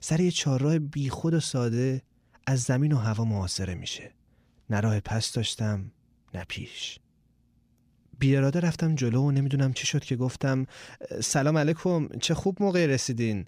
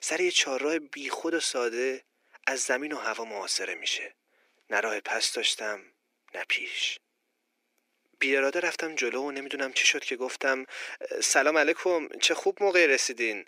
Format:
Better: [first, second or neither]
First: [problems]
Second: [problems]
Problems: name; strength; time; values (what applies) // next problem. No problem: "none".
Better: first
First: none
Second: thin; very; fading below 350 Hz